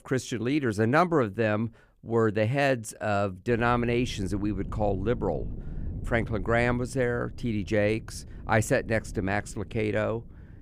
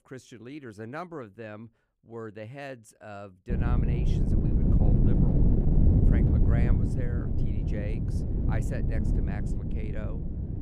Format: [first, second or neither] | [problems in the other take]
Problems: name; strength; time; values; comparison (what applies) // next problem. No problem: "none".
first | wind noise on the microphone; heavy; from 3.5 s on; 5 dB above the speech; occasional gusts in the first